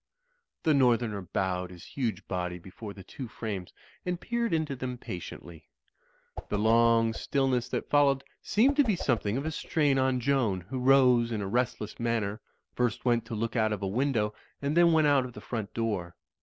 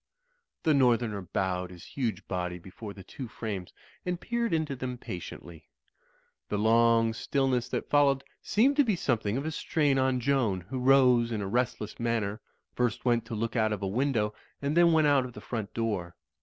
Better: second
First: noise reduction (neural mask model Resemble Enhance denoiser)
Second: none

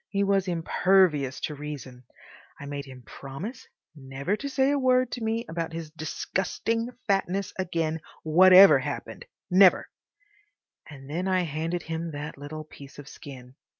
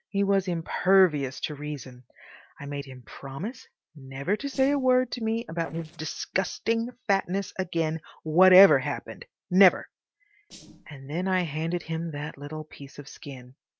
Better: first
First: none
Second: noise reduction (neural separator model SepFormer DNS4)

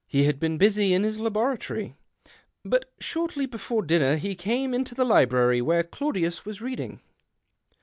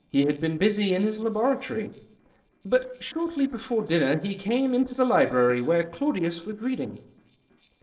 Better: first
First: none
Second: noise reduction (neural separator model SepFormer DNS4)

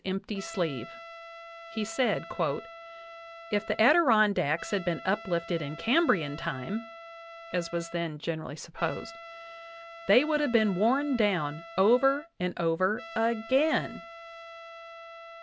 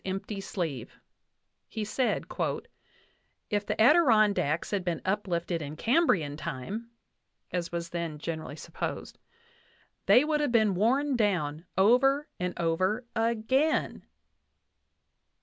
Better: second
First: background sound (Trumpet); 16 dB below the speech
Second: none

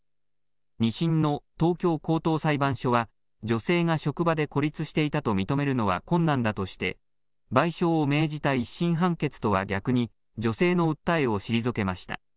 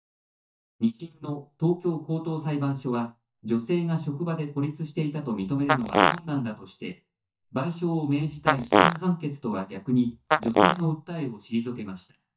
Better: first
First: none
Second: noise reduction (neural mask model DeepFilterNet 3)

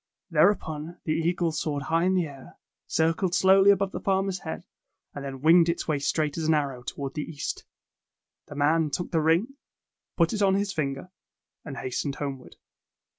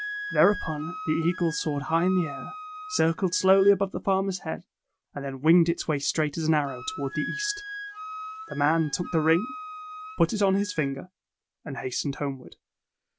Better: first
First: none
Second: background sound (Wind instrument, woodwind instrument); 13 dB below the speech

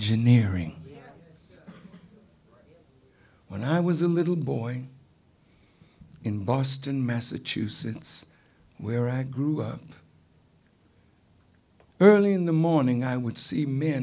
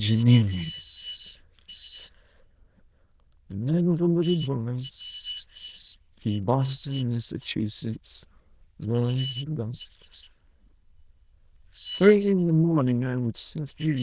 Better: first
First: none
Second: noise reduction (neural diffusion model UNIVERSE++)

